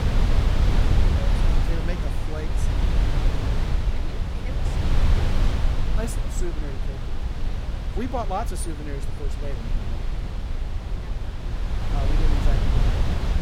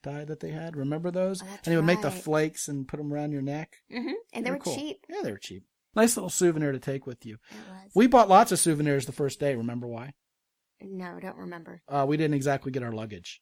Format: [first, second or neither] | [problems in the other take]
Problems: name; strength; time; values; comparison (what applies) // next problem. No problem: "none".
second | wind noise on the microphone; heavy; 2 dB above the speech